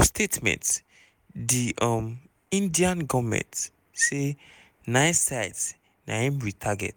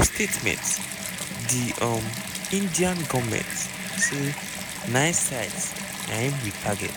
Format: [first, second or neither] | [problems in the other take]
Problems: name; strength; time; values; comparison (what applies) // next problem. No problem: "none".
first | background sound (Bathtub (filling or washing) / Water tap, faucet); 5 dB below the speech